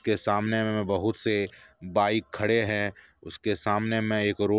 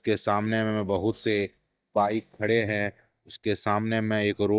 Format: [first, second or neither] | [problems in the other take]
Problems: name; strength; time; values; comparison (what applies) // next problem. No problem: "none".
first | noise reduction (neural mask model DeepFilterNet 3)